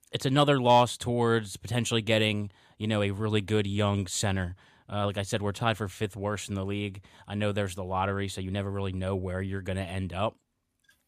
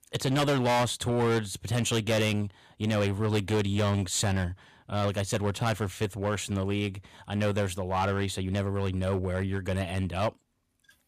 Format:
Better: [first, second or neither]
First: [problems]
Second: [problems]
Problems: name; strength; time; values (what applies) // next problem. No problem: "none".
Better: first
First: none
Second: distortion; heavy; 11% of the sound clipped